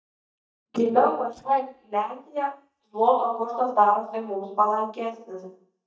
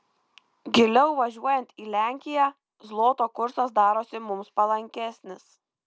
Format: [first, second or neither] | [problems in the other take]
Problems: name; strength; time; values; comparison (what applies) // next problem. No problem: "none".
second | noise reduction (neural mask model DeepFilterNet 3)